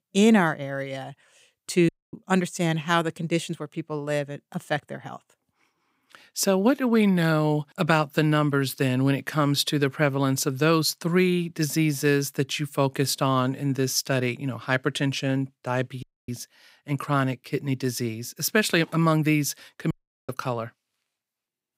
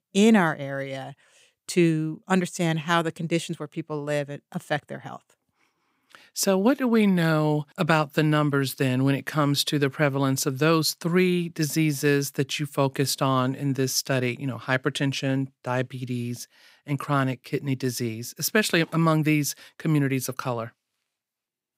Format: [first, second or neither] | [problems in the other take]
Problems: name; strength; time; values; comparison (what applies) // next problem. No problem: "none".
second | audio cutting out; at 2 s, at 16 s and at 20 s